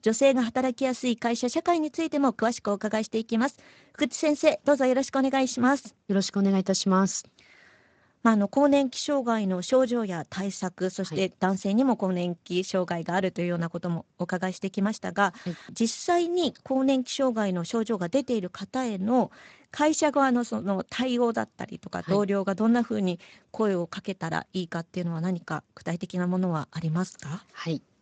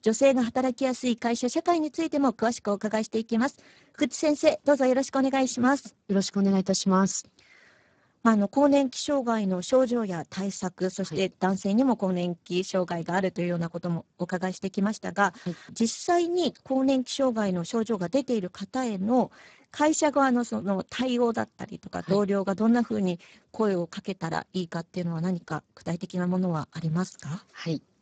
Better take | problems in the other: first | garbled, watery; badly; nothing above 7.5 kHz; slightly in the first

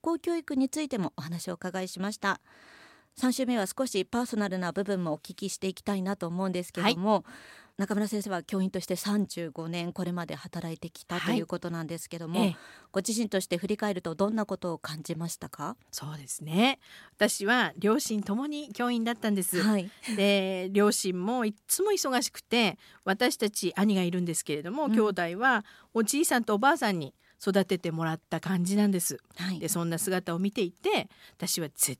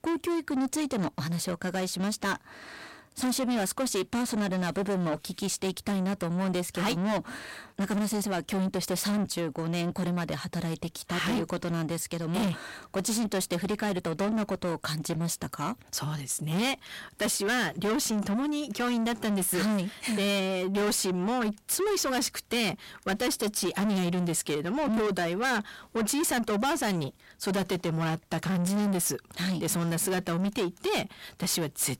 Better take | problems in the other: first | distortion; heavy; 6 dB below the speech

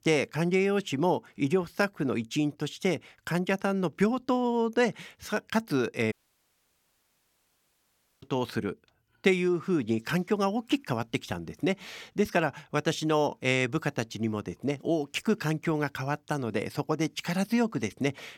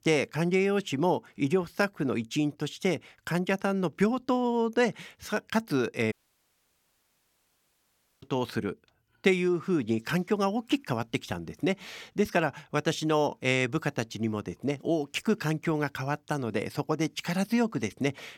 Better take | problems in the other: neither | audio cutting out; at 6 s for 2 s; the same in both

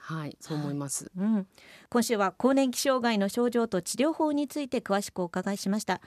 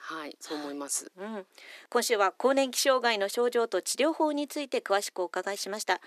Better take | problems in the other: first | thin; somewhat; fading below 300 Hz

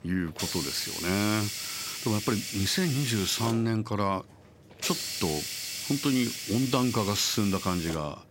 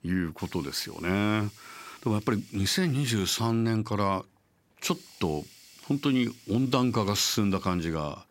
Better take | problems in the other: second | hiss; loud; throughout; 5 dB below the speech; faint in the second

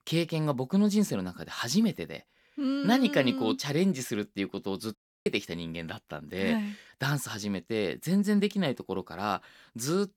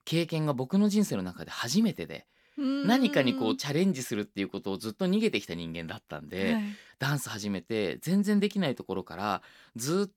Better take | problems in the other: second | audio cutting out; at 5 s

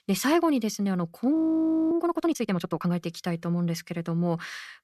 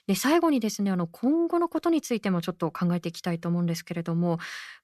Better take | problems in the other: second | audio freezing; at 1.5 s for 0.5 s

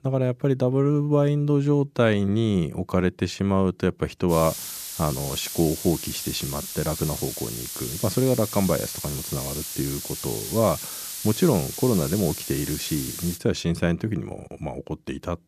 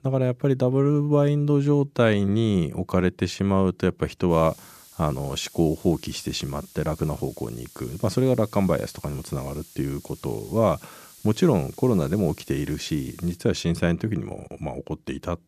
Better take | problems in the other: second | hiss; loud; from 4.5 to 13 s; 7 dB below the speech; faint in the second

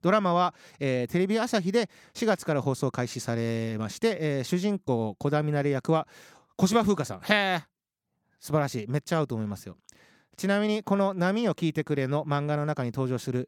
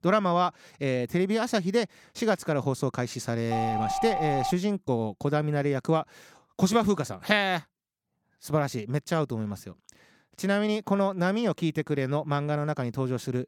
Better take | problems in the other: first | phone ringing; noticeable; from 3.5 to 4.5 s; peak 1 dB below the speech

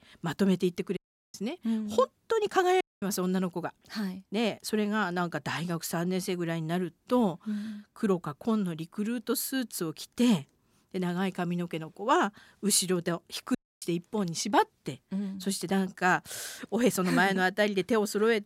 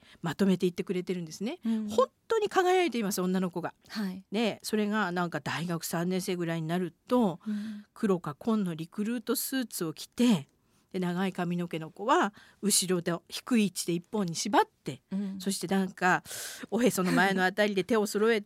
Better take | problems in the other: second | audio cutting out; at 1 s, at 3 s and at 14 s

